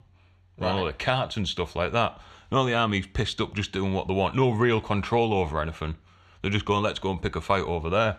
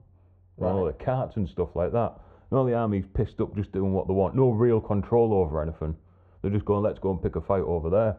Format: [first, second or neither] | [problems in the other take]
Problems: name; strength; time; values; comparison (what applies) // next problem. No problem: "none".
first | muffled; very; fading above 1.5 kHz